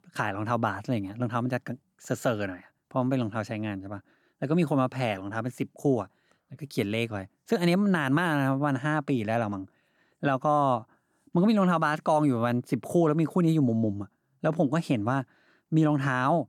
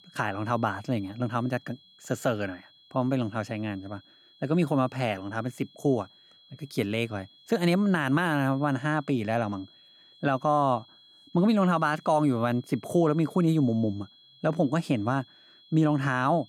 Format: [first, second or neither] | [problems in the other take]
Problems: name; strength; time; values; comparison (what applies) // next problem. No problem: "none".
first | high-pitched whine; faint; throughout; 3.5 kHz, 25 dB below the speech